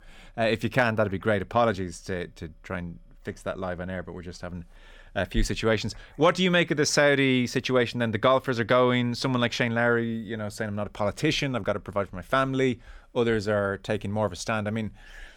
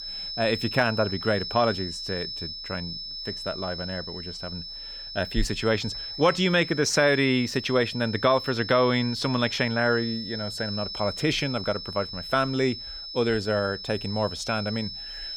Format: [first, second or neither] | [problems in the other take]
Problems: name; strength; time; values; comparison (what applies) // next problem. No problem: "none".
first | high-pitched whine; loud; throughout; 5 kHz, 8 dB below the speech